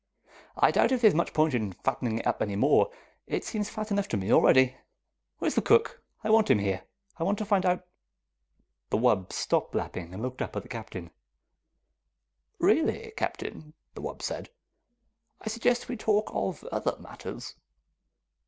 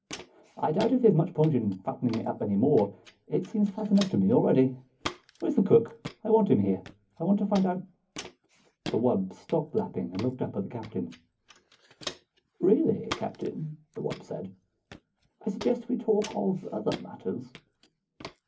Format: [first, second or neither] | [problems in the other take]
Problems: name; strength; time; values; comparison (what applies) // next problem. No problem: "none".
first | background sound (Walk, footsteps); 17 dB below the speech // room echo; dies away in 0.3 s